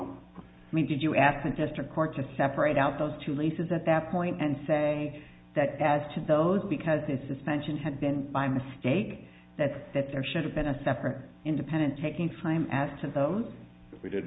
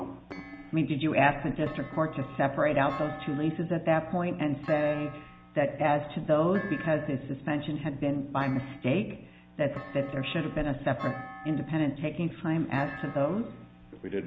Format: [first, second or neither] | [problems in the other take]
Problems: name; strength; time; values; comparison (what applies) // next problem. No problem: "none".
first | background sound (Thump, thud); 17 dB below the speech